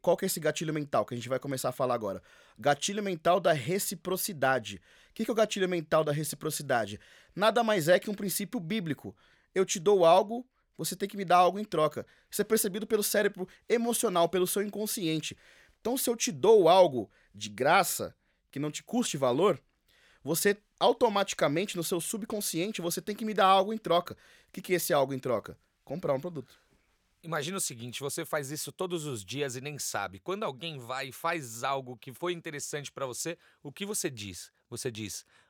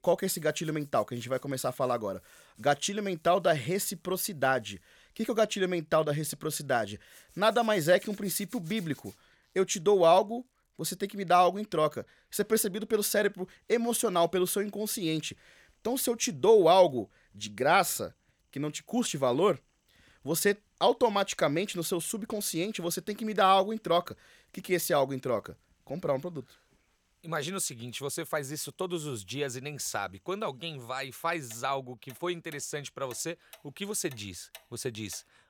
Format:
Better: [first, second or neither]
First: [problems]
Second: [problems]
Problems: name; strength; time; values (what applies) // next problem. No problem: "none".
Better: first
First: none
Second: household noises; faint; throughout; 30 dB below the speech